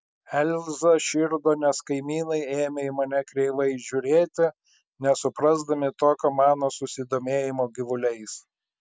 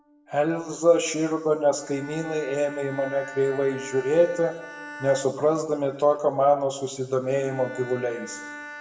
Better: first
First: none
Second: background sound (Bowed string instrument); 17 dB below the speech // room echo; dies away in 0.8 s

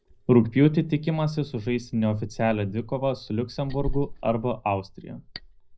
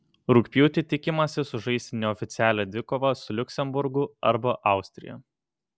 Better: second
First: noise reduction (neural mask model DeepFilterNet 3)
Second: none

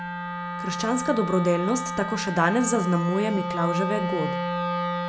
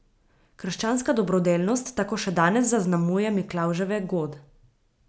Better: second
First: background sound (Wind instrument, woodwind instrument); 3 dB below the speech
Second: none

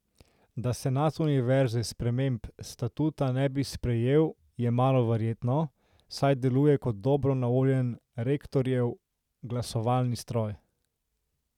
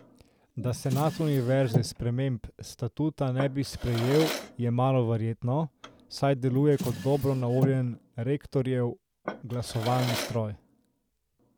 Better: first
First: none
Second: background sound (Drawer open or close); 10 dB below the speech

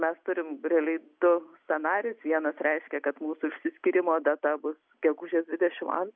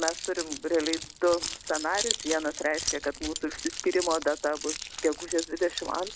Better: first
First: none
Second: background sound (Keys jangling); 6 dB below the speech

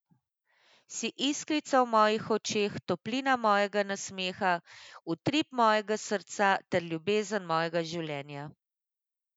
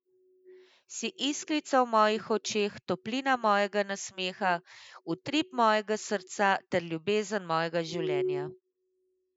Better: first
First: none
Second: noise reduction (neural mask model DeepFilterNet 3)

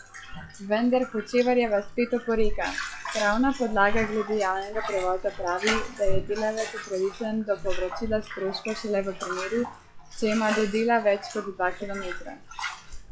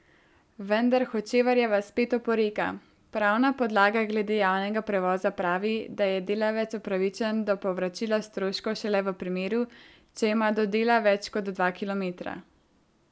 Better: second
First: noise reduction (classical method log-MMSE)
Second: none

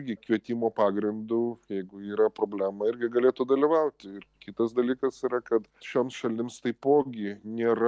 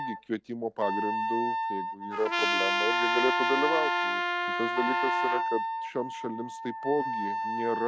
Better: first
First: none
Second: background sound (Wind instrument, woodwind instrument + Trumpet); 3 dB above the speech

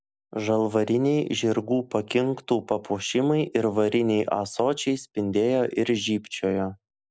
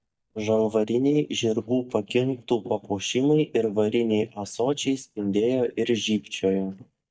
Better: first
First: none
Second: noise reduction (neural mask model DeepFilterNet 3)

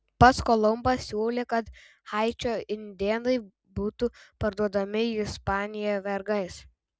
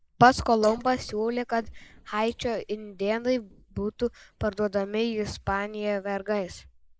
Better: first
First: none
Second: noise reduction (neural mask model Resemble Enhance denoiser)

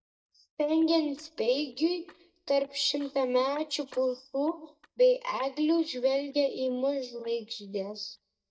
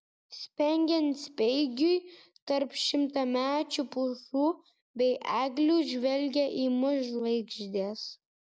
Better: second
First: noise reduction (neural mask model DeepFilterNet 3)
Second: none

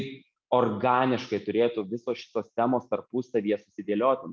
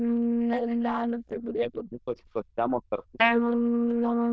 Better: first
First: none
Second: noise reduction (neural diffusion model UNIVERSE++)

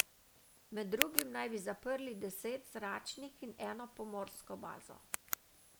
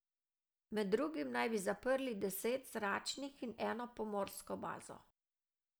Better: second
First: background sound (Tick); 1 dB below the speech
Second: none

